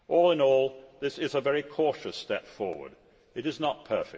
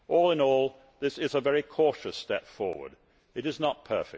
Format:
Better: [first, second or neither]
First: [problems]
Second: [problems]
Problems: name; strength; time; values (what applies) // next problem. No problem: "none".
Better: second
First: room echo; dies away in 2.3 s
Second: none